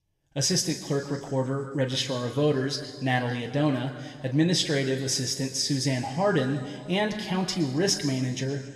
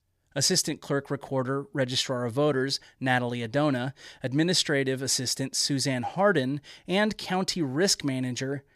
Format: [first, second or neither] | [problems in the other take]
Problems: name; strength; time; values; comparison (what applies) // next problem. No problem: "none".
second | room echo; slight; dies away in 1.9 s // off-mic speech; somewhat distant